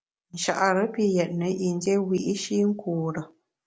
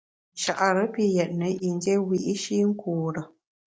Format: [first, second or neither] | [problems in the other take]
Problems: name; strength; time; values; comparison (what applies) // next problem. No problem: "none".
first | noise reduction (neural mask model DeepFilterNet 3)